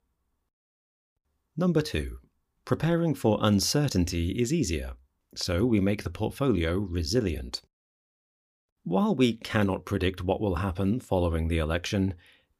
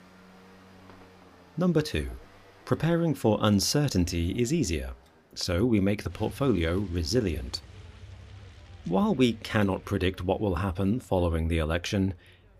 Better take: first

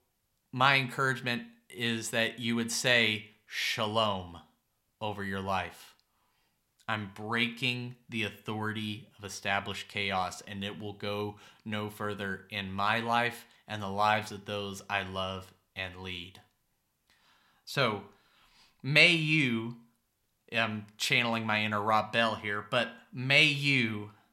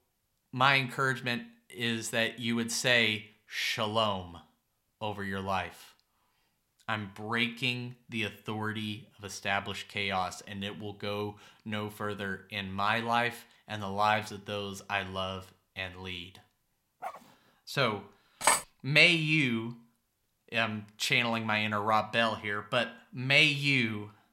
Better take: first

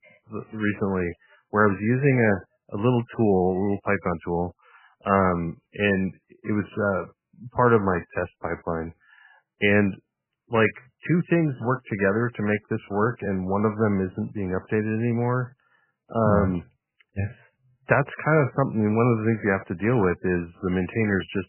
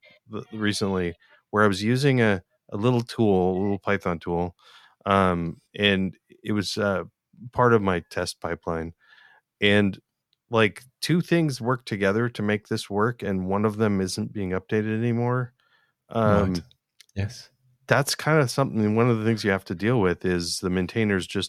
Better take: second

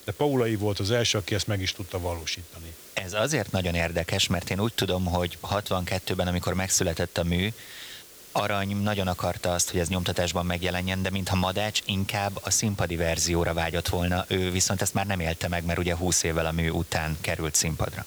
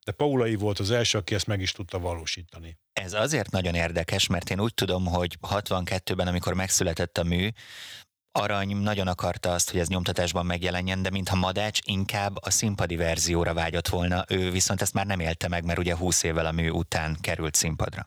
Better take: second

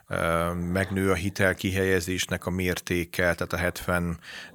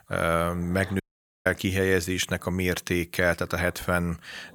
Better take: first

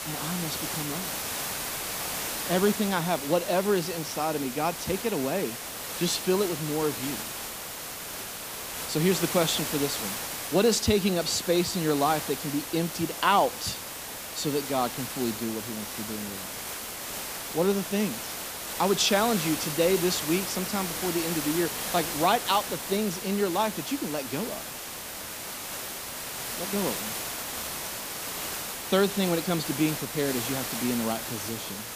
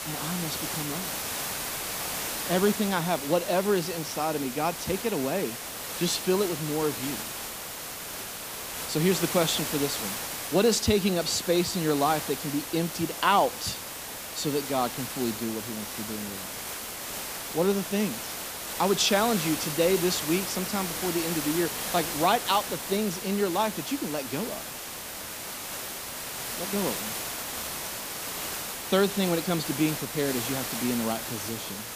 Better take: neither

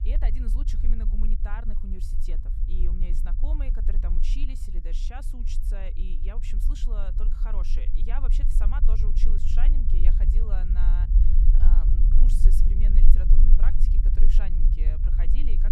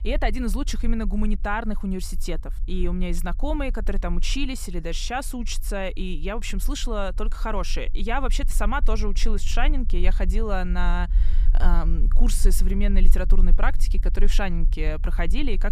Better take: second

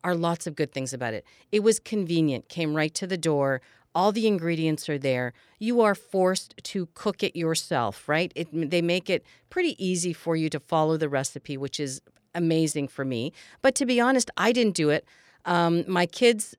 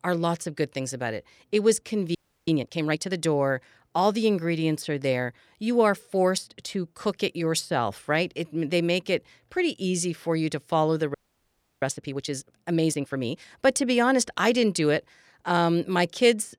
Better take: first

